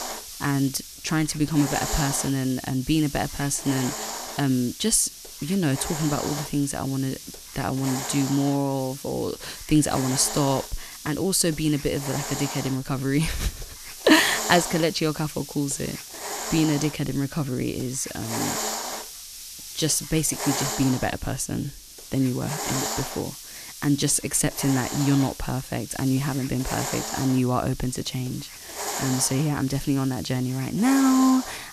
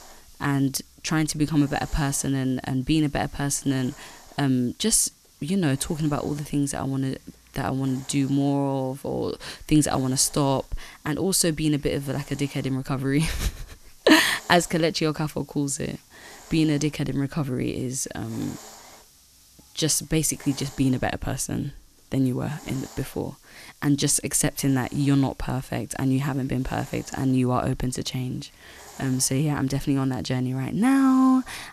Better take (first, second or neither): second